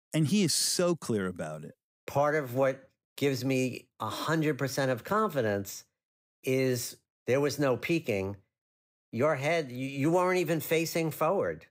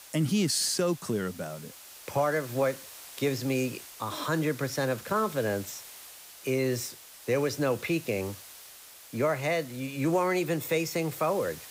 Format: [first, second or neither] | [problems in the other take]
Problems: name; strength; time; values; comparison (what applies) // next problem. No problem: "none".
first | hiss; noticeable; throughout; 15 dB below the speech